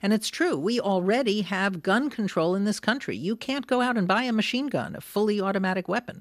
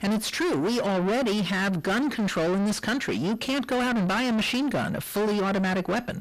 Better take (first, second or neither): first